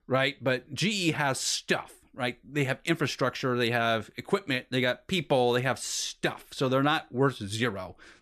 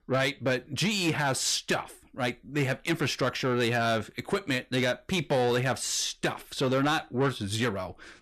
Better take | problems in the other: first | distortion; slight; 10 dB below the speech

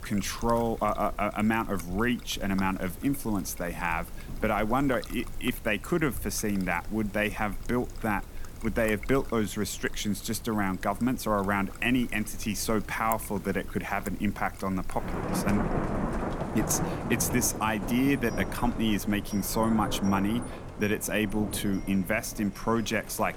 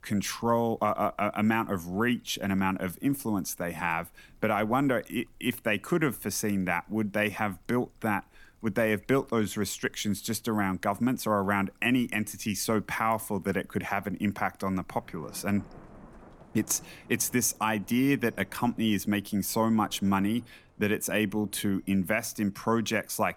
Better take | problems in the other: second | rain or running water; loud; throughout; 9 dB below the speech; faint in the second

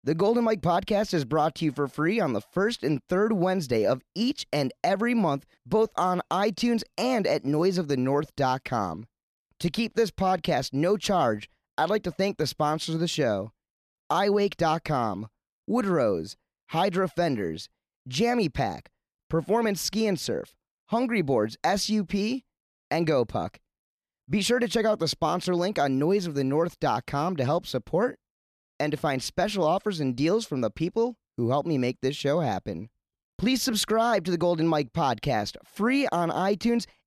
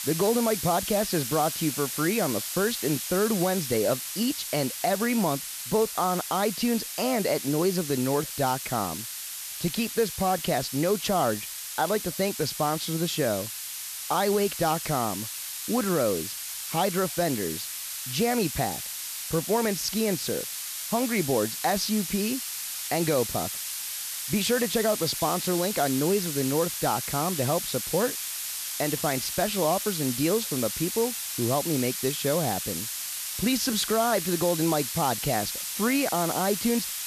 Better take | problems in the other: first | hiss; loud; throughout; 4 dB below the speech

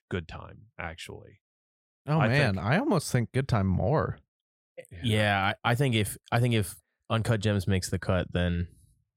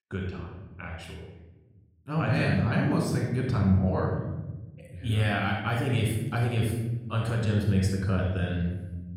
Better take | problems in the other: first | off-mic speech; somewhat distant // room echo; noticeable; dies away in 1.4 s

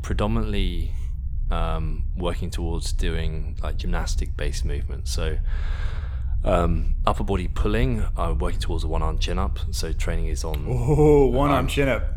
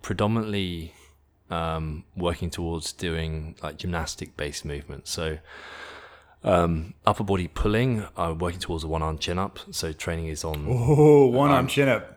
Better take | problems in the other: second | low rumble; faint; throughout; 20 dB below the speech

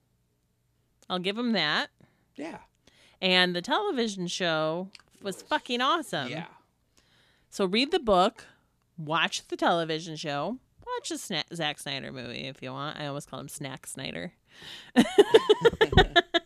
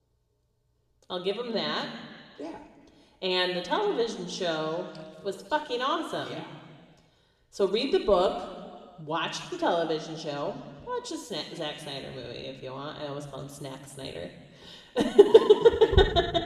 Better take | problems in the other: first | room echo; noticeable; dies away in 1.4 s // off-mic speech; somewhat distant

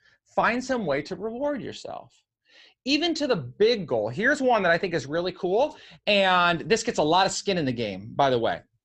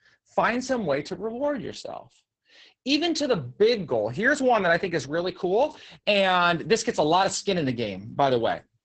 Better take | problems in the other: first | garbled, watery; badly; nothing above 8 kHz

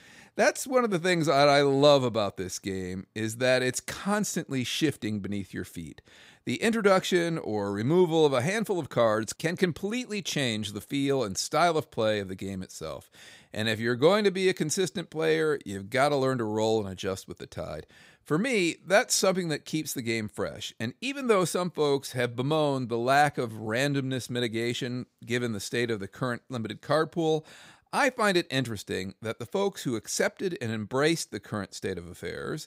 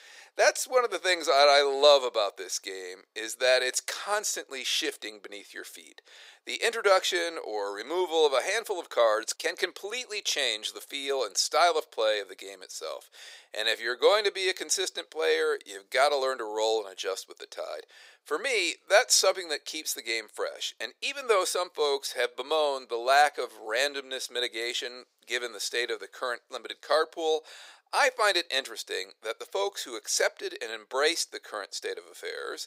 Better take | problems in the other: first | thin; very; fading below 450 Hz

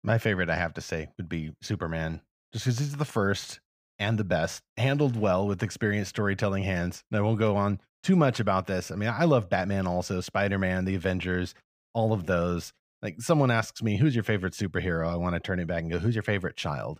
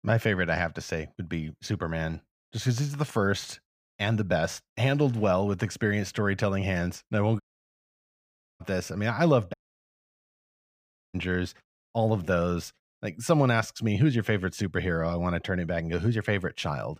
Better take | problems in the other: first | audio cutting out; at 7.5 s for 1 s and at 9.5 s for 1.5 s

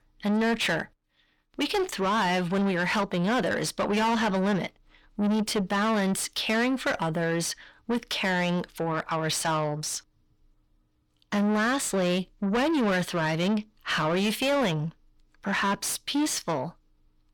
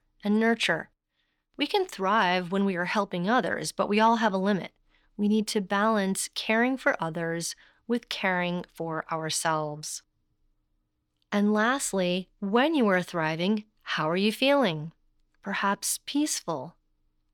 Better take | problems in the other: second | distortion; heavy; 7 dB below the speech

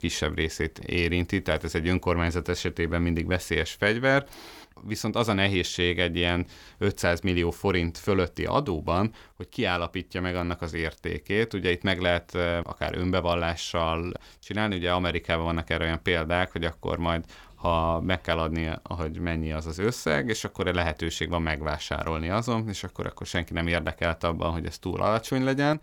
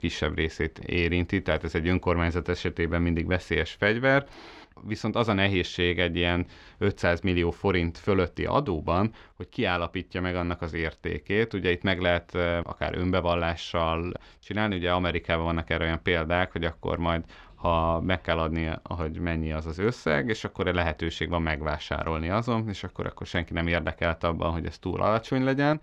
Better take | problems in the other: first | muffled; very slightly; fading above 3.5 kHz

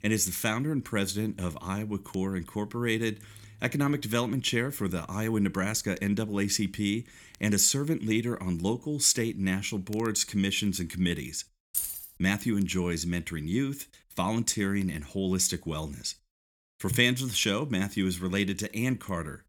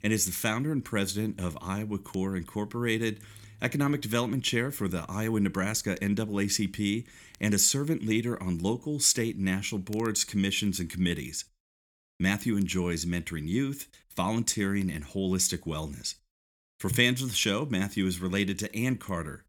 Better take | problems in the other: second | jangling keys; noticeable; at 12 s; peak 2 dB below the speech

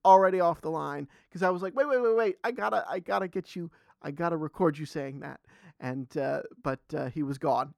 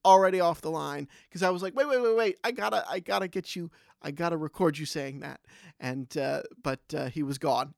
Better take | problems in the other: second | muffled; slightly; fading above 2 kHz

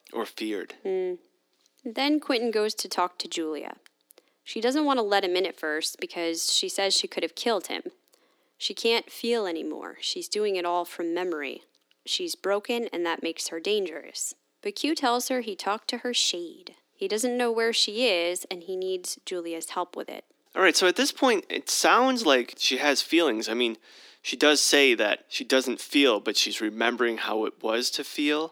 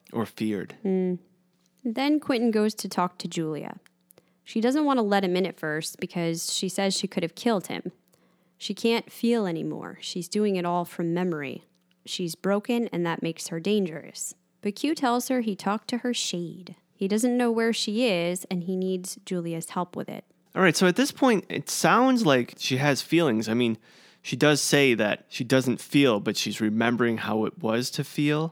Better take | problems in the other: second | thin; very slightly; fading below 300 Hz

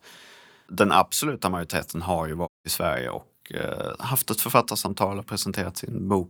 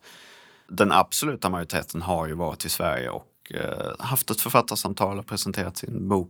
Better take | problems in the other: second | audio cutting out; at 2.5 s

